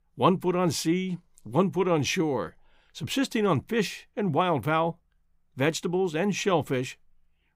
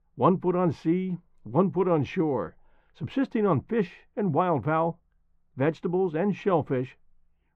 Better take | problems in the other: first | muffled; very; fading above 4 kHz

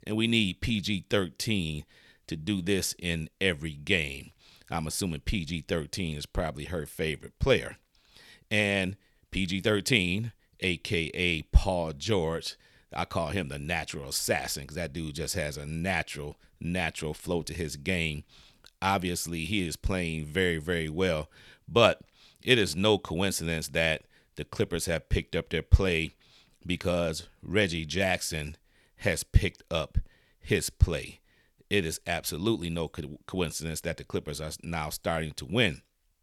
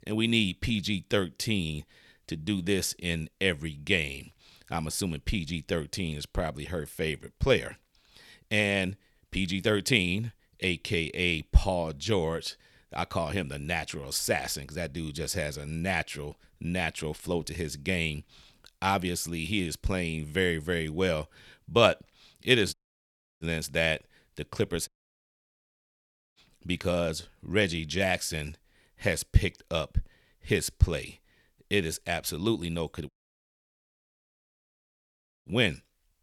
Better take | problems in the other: first | audio cutting out; at 23 s for 0.5 s, at 25 s for 1.5 s and at 33 s for 2.5 s

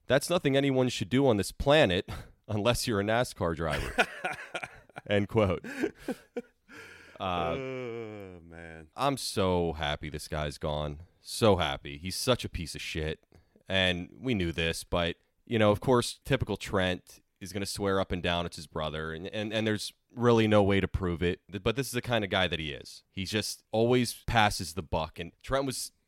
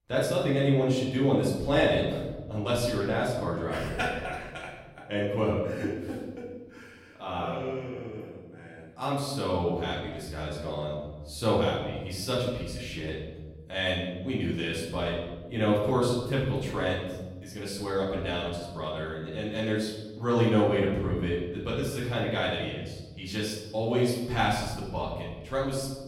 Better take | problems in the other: first | off-mic speech; far // room echo; noticeable; dies away in 1.3 s

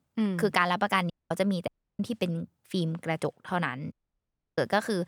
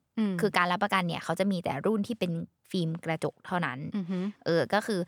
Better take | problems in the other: second | audio cutting out; at 1 s, at 1.5 s and at 4 s for 0.5 s

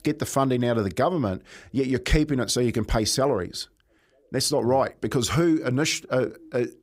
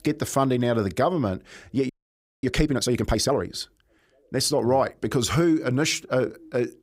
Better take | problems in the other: first | audio freezing; at 2 s for 0.5 s

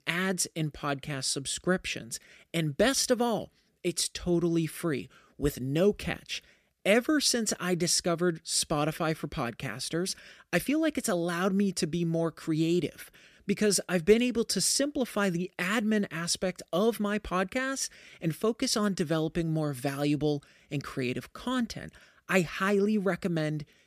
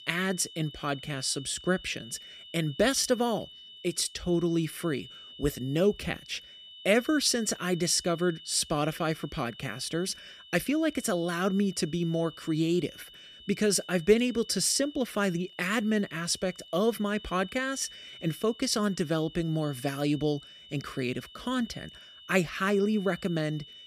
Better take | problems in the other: first | high-pitched whine; noticeable; throughout; 3 kHz, 15 dB below the speech

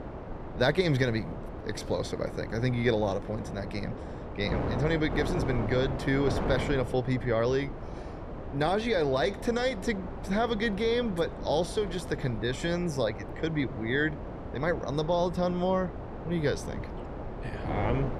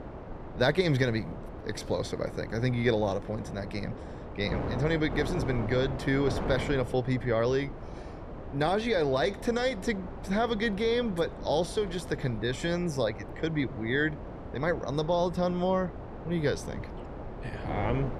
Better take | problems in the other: second | wind noise on the microphone; heavy; 9 dB below the speech; occasional gusts in the second

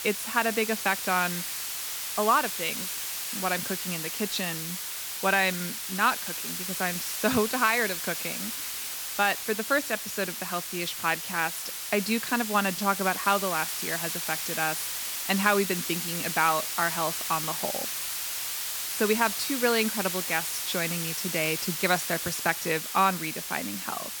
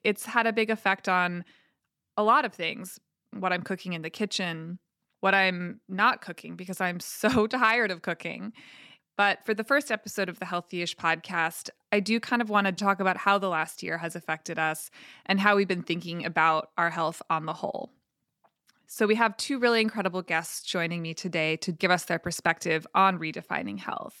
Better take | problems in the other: second | hiss; loud; throughout; 3 dB below the speech

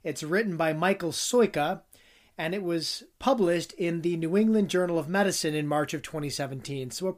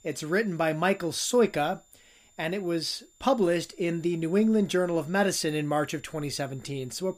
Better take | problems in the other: first | high-pitched whine; faint; throughout; 7 kHz, 30 dB below the speech

